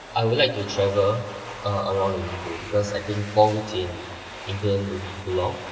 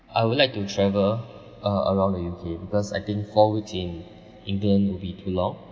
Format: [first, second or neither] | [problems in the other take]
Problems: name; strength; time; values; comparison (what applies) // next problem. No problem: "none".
second | background sound (Domestic sounds, home sounds); 14 dB below the speech // room echo; dies away in 1.3 s